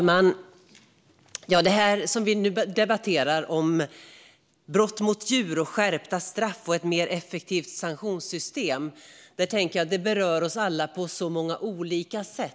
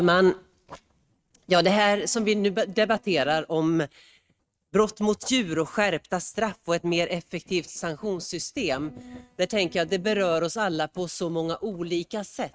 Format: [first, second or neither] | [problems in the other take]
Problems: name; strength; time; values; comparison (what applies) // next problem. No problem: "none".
first | noise reduction (neural mask model RNNoise)